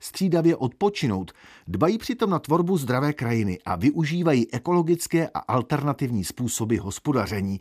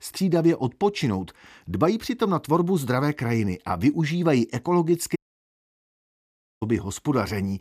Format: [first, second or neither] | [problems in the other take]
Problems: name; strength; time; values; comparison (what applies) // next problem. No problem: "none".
first | audio cutting out; at 5 s for 1.5 s